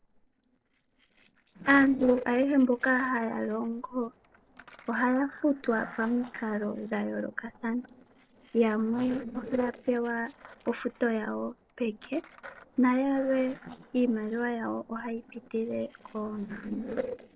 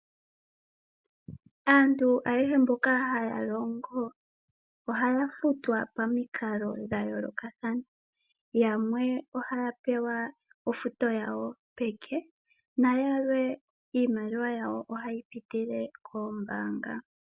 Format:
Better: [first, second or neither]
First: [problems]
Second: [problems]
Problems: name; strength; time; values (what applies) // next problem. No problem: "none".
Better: second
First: noise reduction (neural separator model SepFormer DNS4)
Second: none